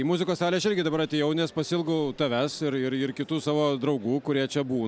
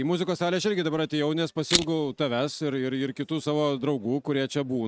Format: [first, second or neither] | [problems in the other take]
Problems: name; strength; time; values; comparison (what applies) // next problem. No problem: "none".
first | noise reduction (neural mask model RNNoise)